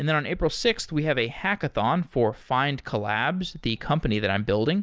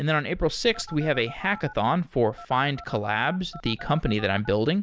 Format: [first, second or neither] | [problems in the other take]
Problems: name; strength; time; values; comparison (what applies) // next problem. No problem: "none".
first | background sound (Telephone); 18 dB below the speech